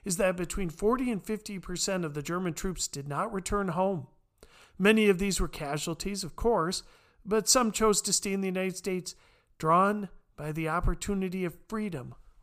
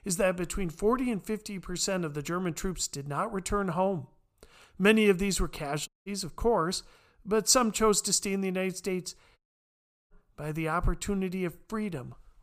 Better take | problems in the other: first | audio cutting out; at 6 s and at 9.5 s for 0.5 s

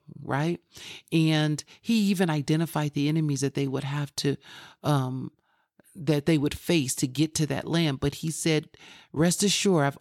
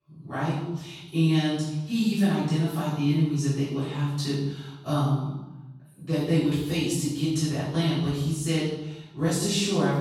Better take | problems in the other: first | off-mic speech; far // room echo; strong; dies away in 0.9 s

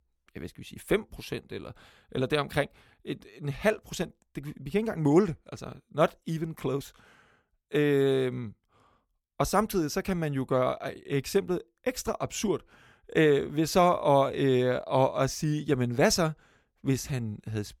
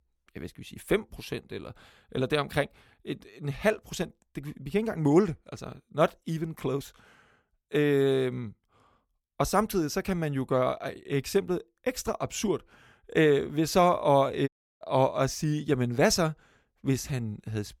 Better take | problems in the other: first | audio cutting out; at 14 s

